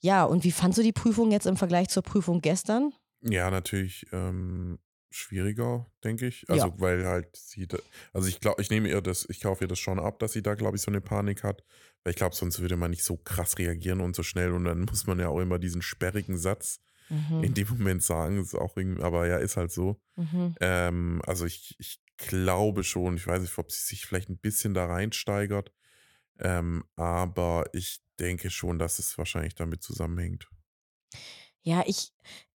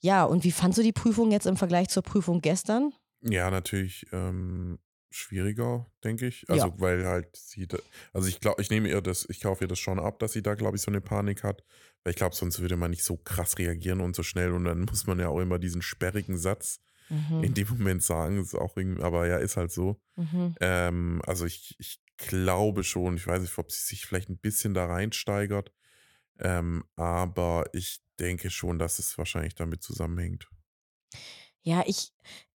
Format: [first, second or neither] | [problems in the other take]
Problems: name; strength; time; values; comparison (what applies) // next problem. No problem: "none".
neither | none